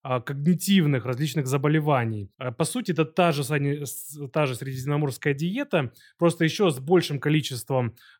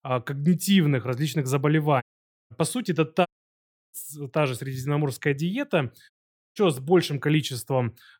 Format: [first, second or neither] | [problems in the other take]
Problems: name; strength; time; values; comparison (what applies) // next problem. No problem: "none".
first | audio cutting out; at 2 s, at 3.5 s for 0.5 s and at 6 s